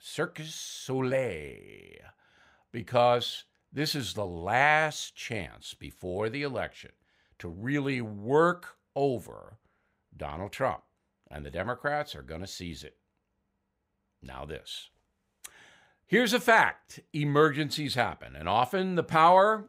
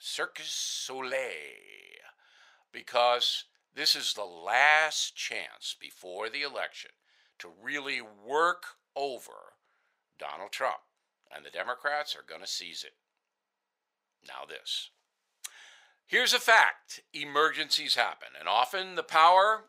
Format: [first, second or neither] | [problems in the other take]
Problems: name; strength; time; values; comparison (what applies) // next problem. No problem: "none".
first | thin; very; fading below 700 Hz